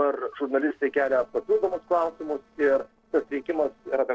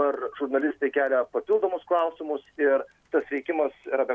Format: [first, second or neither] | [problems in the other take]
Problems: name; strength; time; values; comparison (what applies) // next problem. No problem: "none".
second | noise reduction (neural separator model SepFormer DNS4)